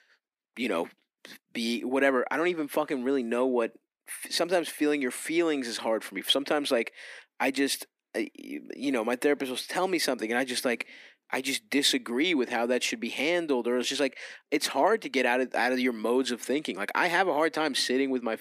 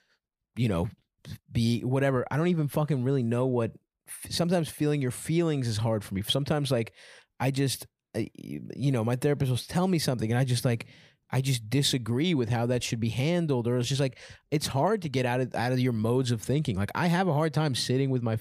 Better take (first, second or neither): second